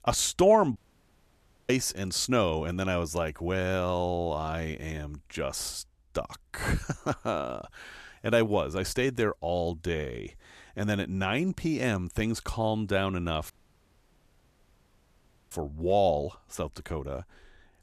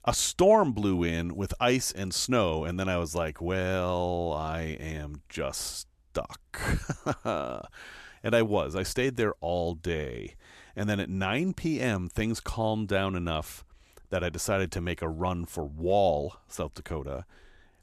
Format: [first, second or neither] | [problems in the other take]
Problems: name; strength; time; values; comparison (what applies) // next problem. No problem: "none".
second | audio cutting out; at 1 s for 1 s and at 14 s for 2 s